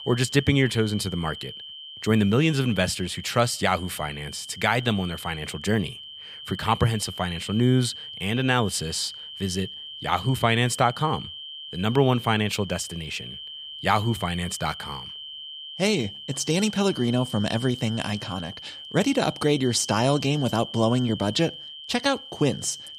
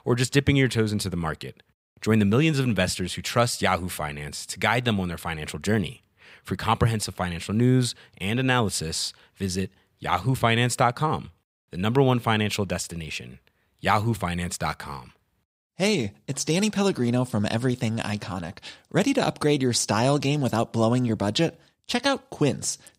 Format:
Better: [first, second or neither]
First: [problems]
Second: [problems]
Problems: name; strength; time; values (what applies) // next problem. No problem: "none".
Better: second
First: high-pitched whine; noticeable; throughout; 3 kHz, 10 dB below the speech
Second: none